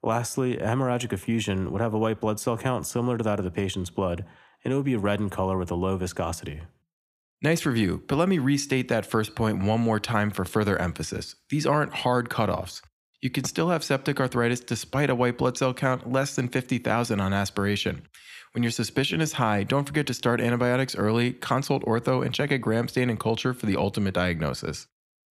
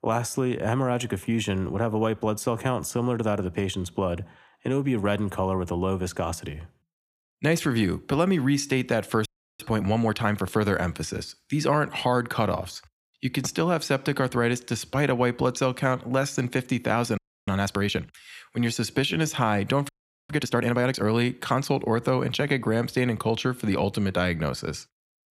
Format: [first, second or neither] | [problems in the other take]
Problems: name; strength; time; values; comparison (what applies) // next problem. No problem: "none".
first | audio freezing; at 9.5 s, at 17 s and at 20 s